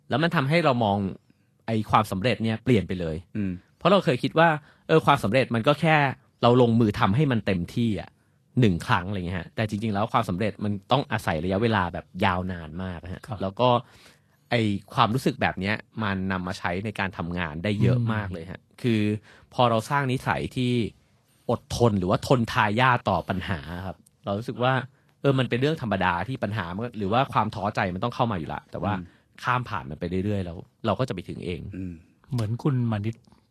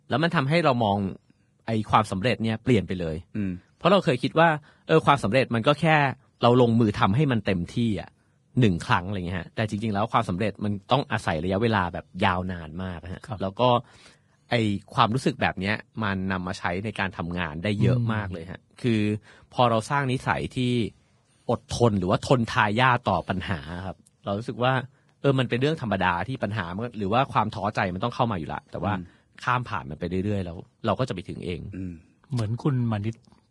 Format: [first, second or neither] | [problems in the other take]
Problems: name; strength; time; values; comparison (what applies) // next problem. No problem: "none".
first | garbled, watery; badly; nothing above 10 kHz; slightly in the first